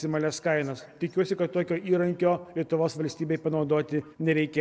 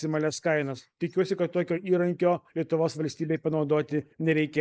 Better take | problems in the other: first | noise reduction (neural mask model Resemble Enhance denoiser)

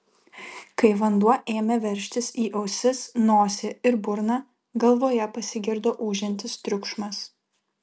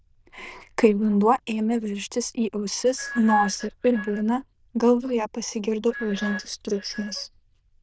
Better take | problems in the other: first | noise reduction (neural diffusion model UNIVERSE++)

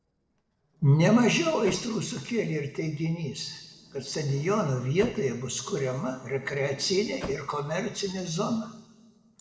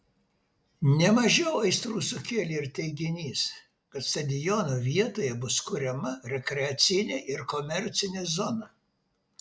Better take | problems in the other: second | noise reduction (neural separator model SepFormer DNS4)

